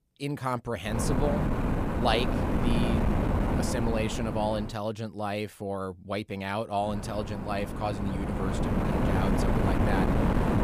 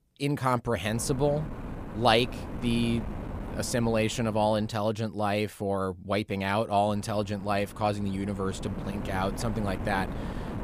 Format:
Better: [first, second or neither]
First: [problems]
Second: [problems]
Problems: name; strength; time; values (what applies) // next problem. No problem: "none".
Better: second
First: wind noise on the microphone; heavy; from 1 to 4.5 s and from 7 s on; as loud as the speech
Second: wind noise on the microphone; occasional gusts; from 1 to 4.5 s and from 7 s on; 15 dB below the speech